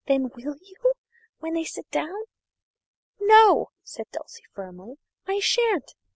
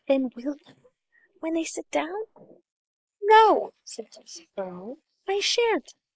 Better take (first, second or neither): first